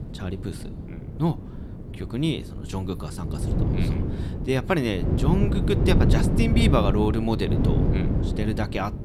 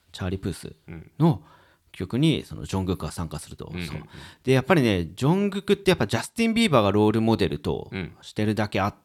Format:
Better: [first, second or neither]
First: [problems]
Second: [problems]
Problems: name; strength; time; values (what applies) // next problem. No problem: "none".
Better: second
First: wind noise on the microphone; heavy; 4 dB below the speech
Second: none